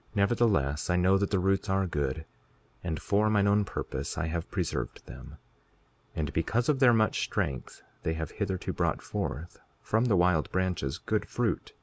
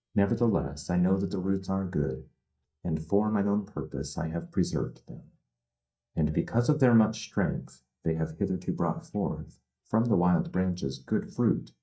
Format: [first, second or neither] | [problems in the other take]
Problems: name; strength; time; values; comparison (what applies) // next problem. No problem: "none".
first | noise reduction (neural mask model DeepFilterNet 3)